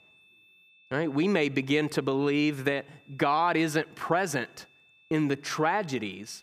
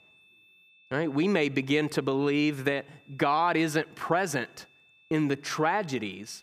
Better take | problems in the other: neither | high-pitched whine; faint; throughout; 2.5 kHz, 30 dB below the speech; the same in both

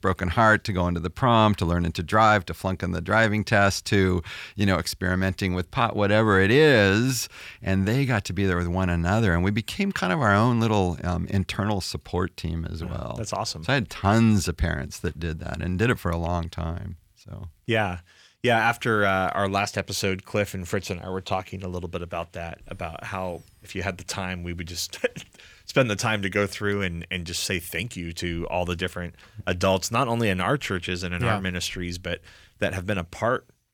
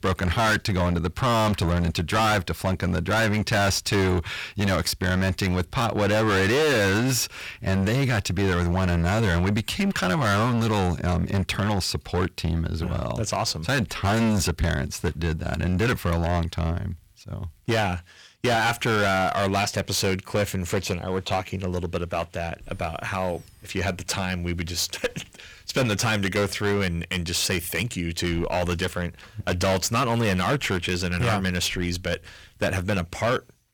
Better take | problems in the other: first | distortion; heavy; 17% of the sound clipped

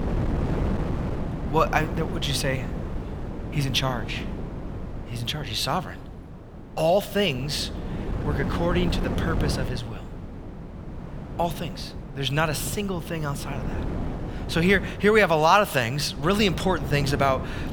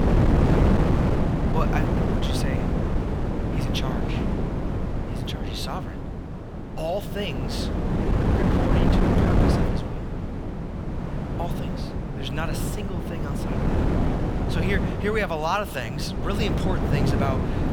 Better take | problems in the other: first | wind noise on the microphone; heavy; as loud as the speech; occasional gusts in the first

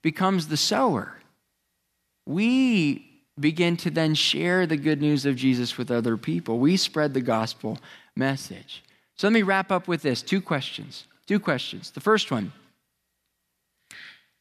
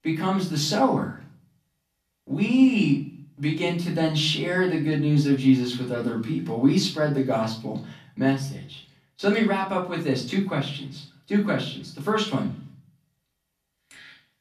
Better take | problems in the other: first | off-mic speech; far // room echo; slight; dies away in 0.4 s

